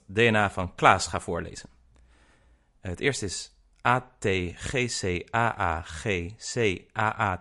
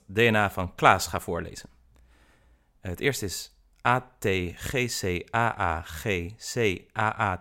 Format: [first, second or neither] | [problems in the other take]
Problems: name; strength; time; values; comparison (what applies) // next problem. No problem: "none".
second | garbled, watery; slightly; nothing above 11 kHz